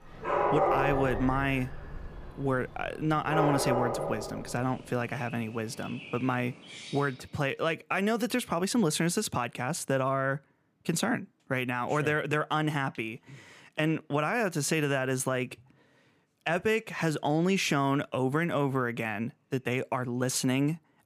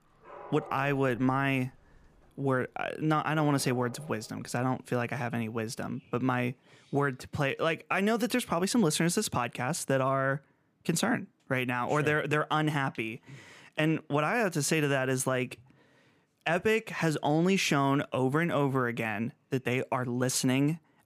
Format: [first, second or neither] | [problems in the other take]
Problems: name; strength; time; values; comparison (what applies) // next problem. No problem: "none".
second | animal sounds; loud; until 7 s; 2 dB below the speech; faint in the second